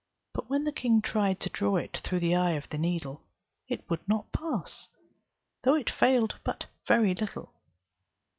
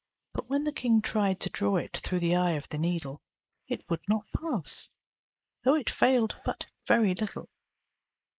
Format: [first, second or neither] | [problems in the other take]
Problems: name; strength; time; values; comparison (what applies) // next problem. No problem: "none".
first | noise reduction (neural mask model Resemble Enhance denoiser)